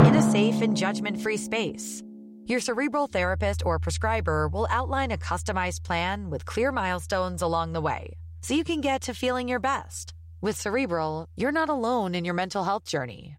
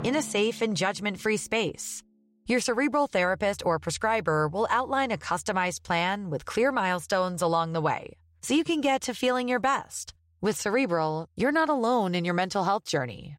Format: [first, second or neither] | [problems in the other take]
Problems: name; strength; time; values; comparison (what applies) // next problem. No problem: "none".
second | background music; loud; throughout; 4 dB below the speech; faint in the second